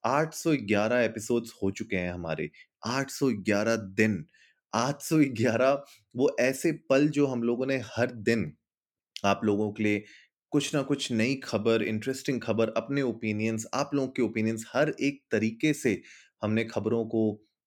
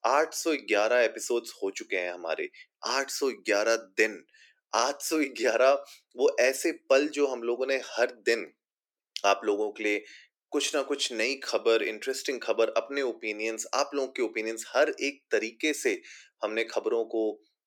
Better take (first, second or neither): first